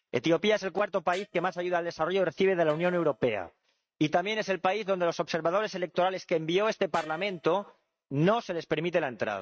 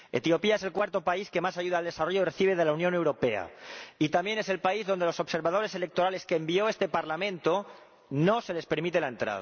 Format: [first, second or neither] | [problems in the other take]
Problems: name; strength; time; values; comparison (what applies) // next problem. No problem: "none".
second | noise reduction (neural mask model RNNoise)